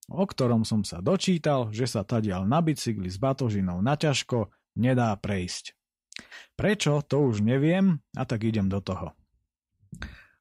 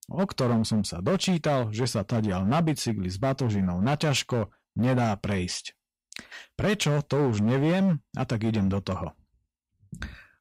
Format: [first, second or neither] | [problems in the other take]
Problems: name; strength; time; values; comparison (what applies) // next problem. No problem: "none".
first | distortion; slight; 11% of the sound clipped